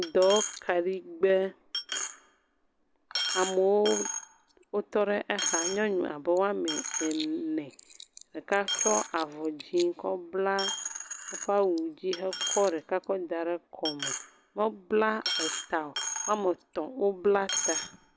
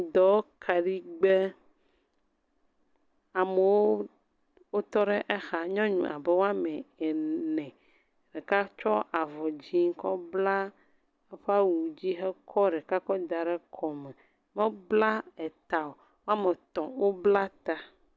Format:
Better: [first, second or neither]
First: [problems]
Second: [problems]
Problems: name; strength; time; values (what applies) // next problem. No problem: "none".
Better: second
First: background sound (Coin (dropping)); 7 dB below the speech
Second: none